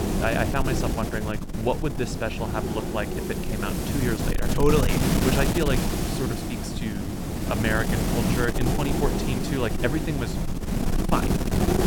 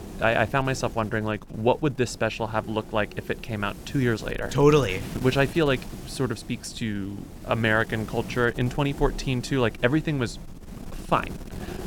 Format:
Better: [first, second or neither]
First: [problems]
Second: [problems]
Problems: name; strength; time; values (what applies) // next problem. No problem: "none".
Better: second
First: wind noise on the microphone; heavy; 2 dB below the speech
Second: wind noise on the microphone; occasional gusts; 20 dB below the speech